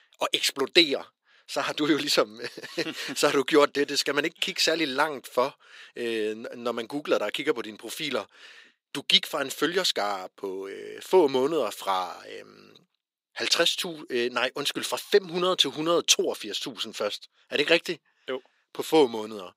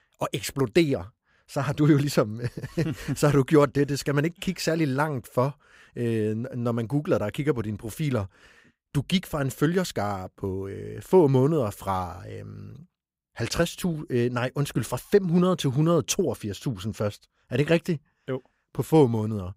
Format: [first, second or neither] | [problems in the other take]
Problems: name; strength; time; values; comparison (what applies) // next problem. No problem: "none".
second | thin; somewhat; fading below 350 Hz